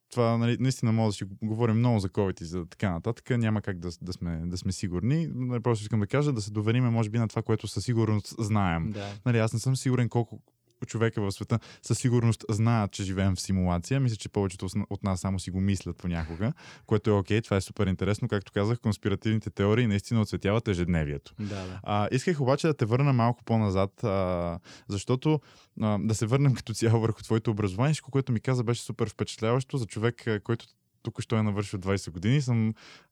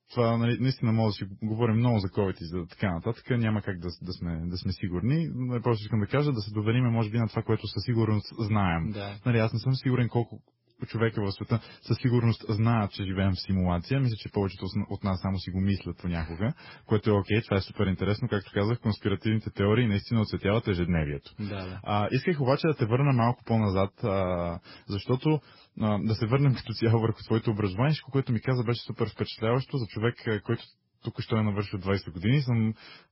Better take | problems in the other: first | garbled, watery; badly; nothing above 5.5 kHz

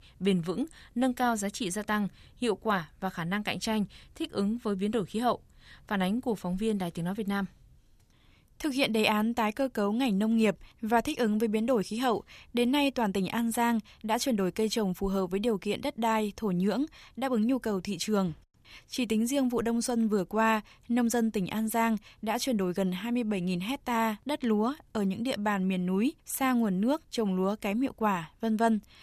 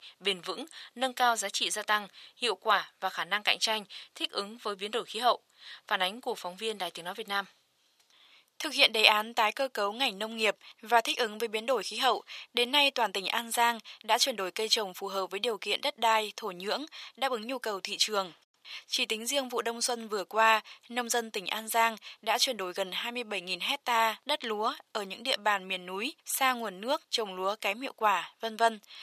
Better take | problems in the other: first | thin; very; fading below 650 Hz

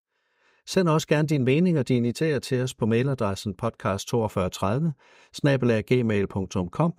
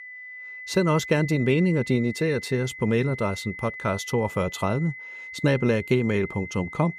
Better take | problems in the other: first | high-pitched whine; noticeable; throughout; 2 kHz, 10 dB below the speech

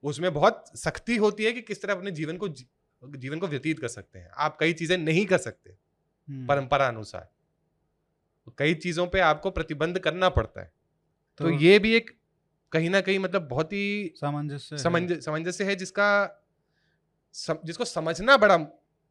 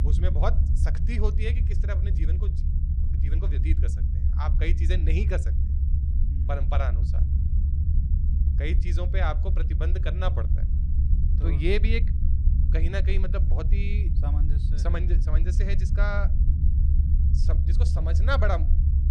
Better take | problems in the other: first | low rumble; loud; throughout; 8 dB below the speech

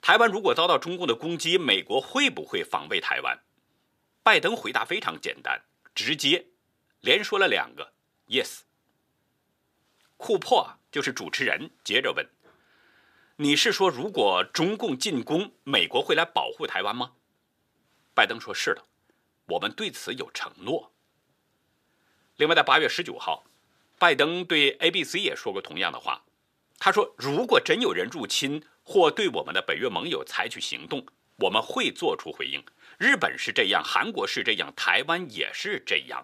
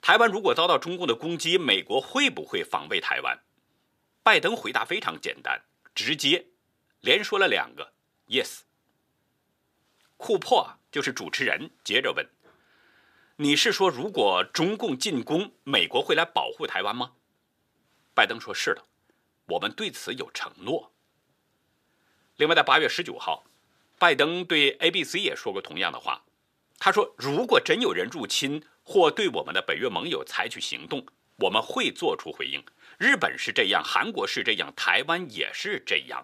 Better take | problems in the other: neither | thin; somewhat; fading below 300 Hz; the same in both

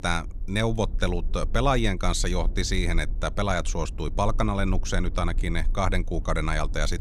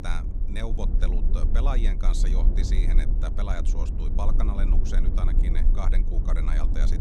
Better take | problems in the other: first | low rumble; loud; throughout; 6 dB below the speech; faint in the first

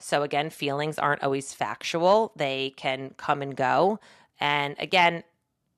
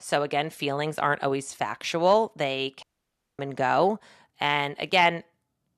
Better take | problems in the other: first | audio cutting out; at 3 s for 0.5 s

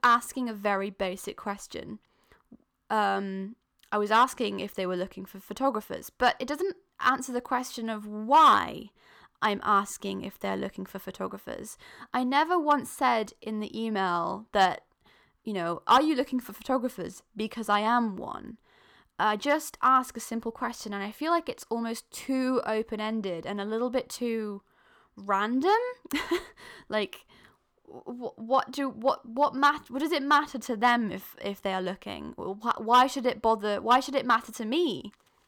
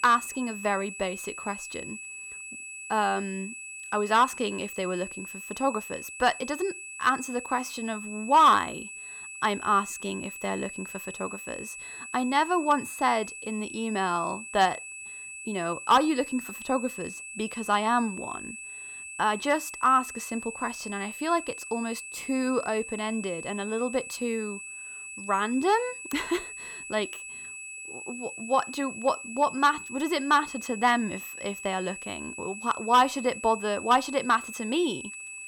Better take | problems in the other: first | high-pitched whine; noticeable; throughout; 2.5 kHz, 10 dB below the speech

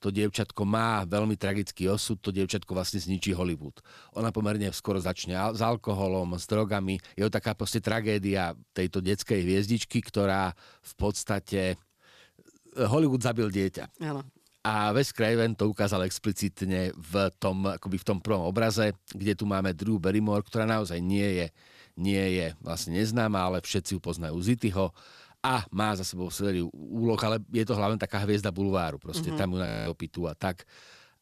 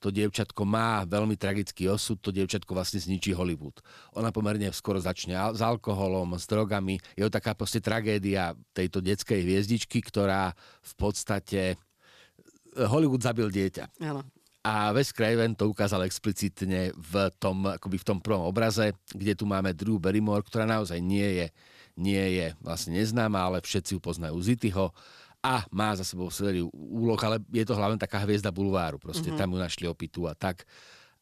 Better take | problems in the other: second | audio freezing; at 30 s

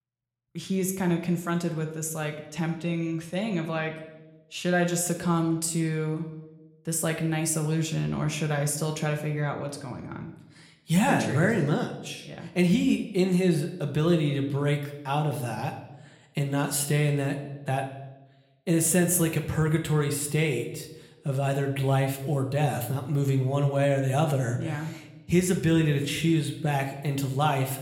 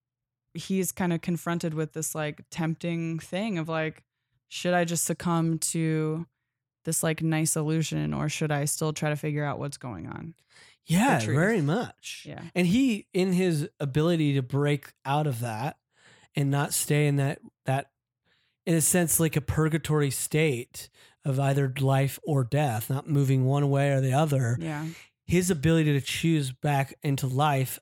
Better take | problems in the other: second | room echo; slight; dies away in 0.7 s

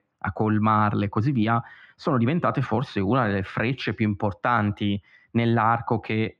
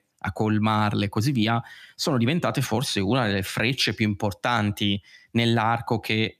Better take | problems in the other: second | muffled; very; fading above 2 kHz

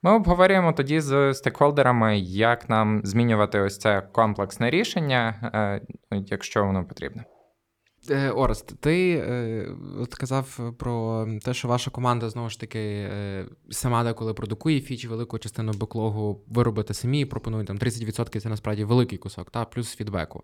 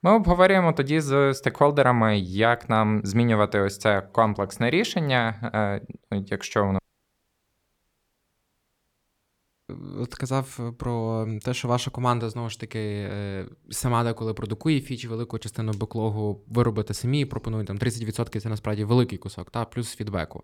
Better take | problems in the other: first | audio cutting out; at 7 s for 3 s

